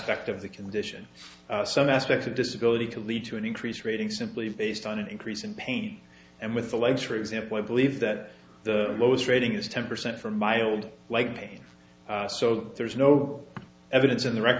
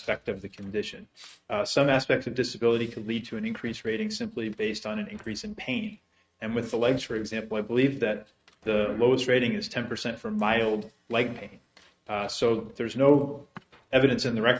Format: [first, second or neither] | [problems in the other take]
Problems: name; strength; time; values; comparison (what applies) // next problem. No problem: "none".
first | noise reduction (neural mask model RNNoise)